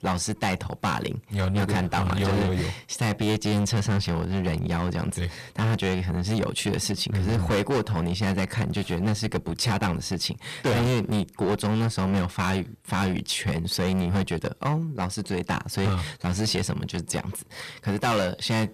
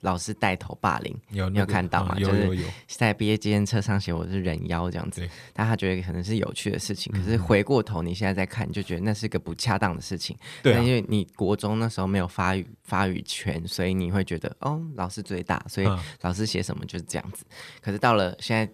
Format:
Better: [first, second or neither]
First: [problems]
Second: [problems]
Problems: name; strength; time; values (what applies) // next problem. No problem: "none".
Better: second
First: distortion; heavy; 16% of the sound clipped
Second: none